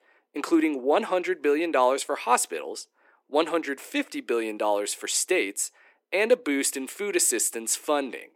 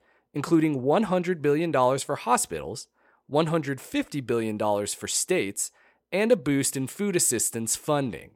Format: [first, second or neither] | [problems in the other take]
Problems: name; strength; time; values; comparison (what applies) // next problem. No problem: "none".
second | thin; very slightly; fading below 250 Hz